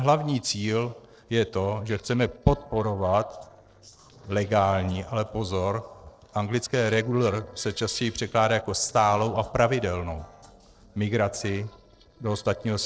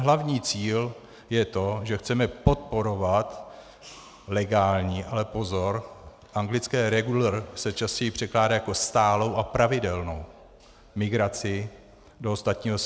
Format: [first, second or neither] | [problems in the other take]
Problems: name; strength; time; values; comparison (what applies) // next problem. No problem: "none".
second | noise reduction (neural separator model SepFormer DNS4)